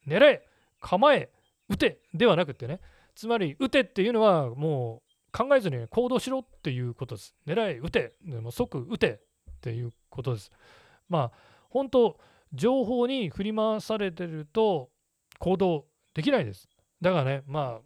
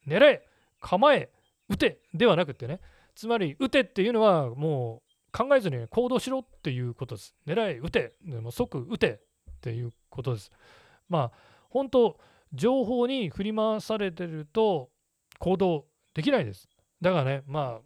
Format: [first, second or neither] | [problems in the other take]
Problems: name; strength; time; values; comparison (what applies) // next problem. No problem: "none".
neither | none